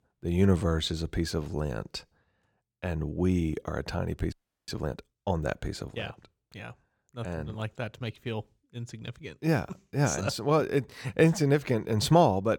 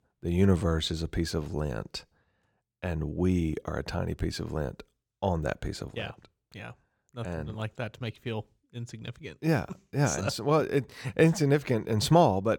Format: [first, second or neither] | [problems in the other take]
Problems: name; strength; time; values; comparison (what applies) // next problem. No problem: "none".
second | audio freezing; at 4.5 s